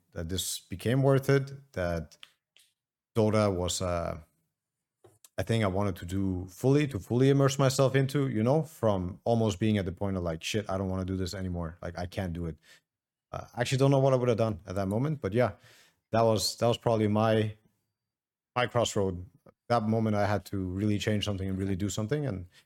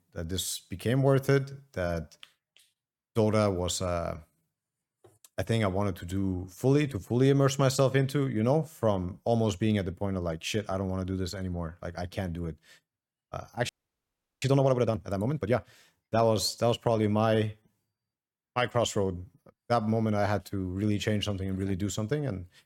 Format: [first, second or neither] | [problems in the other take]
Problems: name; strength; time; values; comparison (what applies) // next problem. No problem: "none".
first | audio freezing; at 14 s for 0.5 s